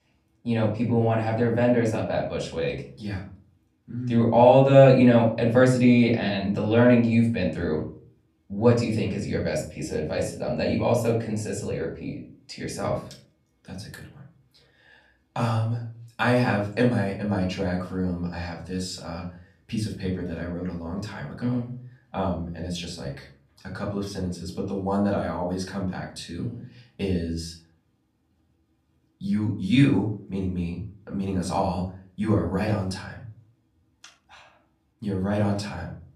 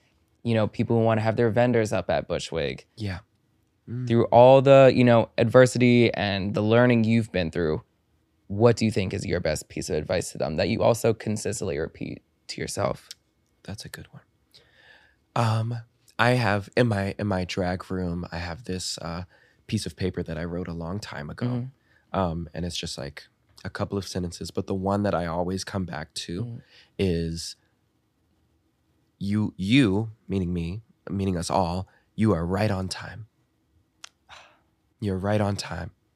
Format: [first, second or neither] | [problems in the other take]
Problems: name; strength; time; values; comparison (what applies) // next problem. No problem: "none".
second | off-mic speech; far // room echo; slight; dies away in 0.4 s